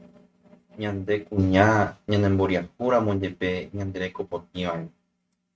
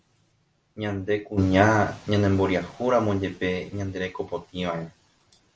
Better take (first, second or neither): second